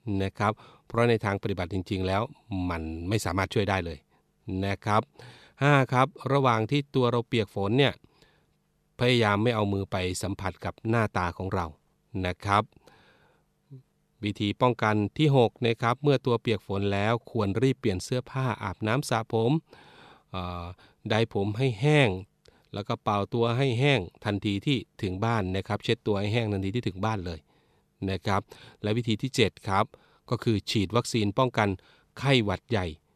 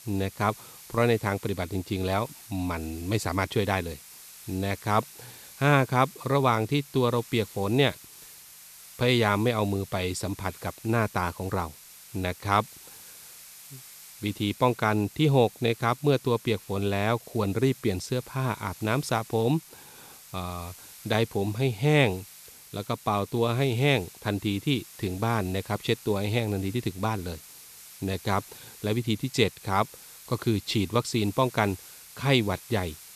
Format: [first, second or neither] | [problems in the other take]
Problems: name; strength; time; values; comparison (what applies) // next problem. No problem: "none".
first | hiss; noticeable; throughout; 20 dB below the speech